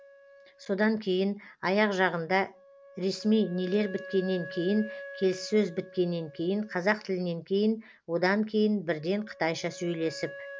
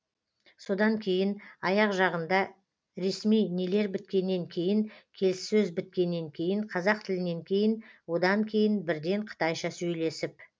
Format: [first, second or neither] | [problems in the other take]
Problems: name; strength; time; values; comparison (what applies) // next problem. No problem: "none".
second | background sound (Wind instrument, woodwind instrument); 18 dB below the speech